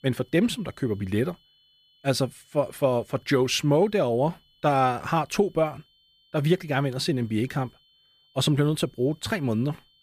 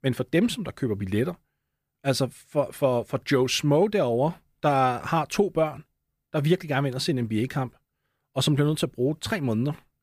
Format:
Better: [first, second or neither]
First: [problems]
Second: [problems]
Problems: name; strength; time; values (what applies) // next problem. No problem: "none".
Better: second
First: high-pitched whine; faint; throughout; 3 kHz, 35 dB below the speech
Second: none